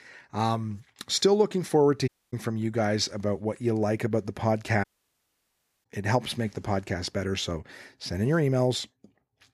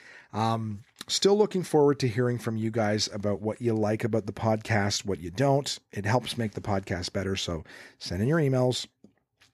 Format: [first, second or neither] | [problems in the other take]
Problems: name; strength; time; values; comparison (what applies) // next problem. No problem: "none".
second | audio cutting out; at 2 s and at 5 s for 1 s